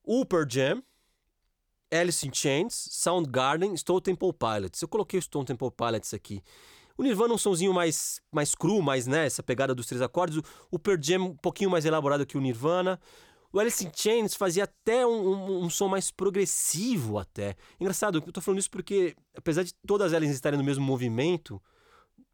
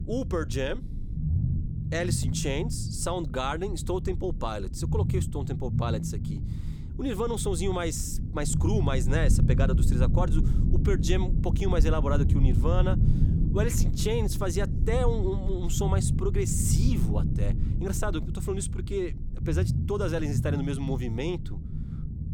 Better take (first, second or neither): first